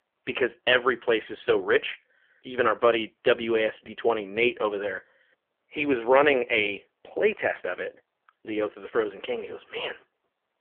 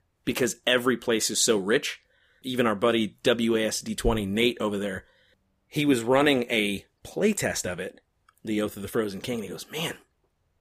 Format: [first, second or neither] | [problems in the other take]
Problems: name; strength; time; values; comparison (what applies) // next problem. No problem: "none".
second | phone-call audio; poor line; nothing above 3.5 kHz